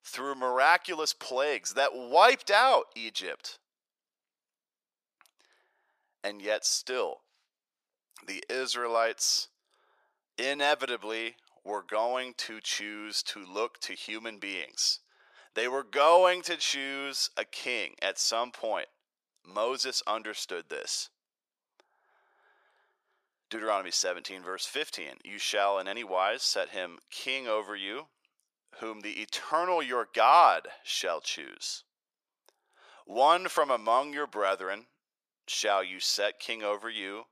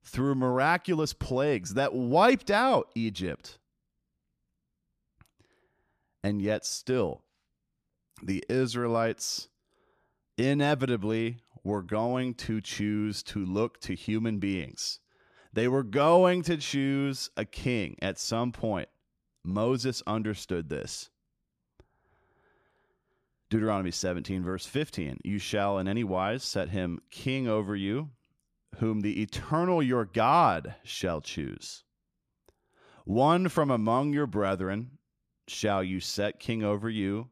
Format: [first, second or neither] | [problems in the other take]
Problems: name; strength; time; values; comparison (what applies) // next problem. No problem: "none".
second | thin; very; fading below 550 Hz